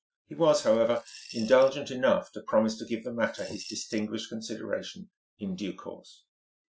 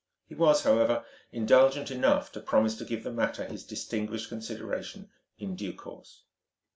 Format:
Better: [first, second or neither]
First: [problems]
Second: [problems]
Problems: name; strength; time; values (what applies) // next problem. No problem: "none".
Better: second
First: noise reduction (classical method Wiener filter)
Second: none